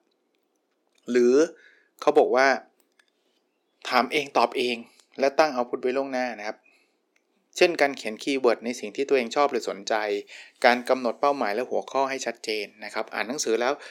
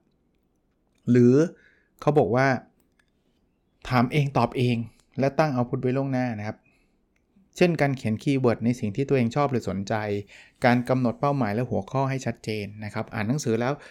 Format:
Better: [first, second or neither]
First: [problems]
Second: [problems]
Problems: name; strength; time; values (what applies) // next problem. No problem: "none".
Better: second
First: thin; somewhat; fading below 350 Hz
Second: none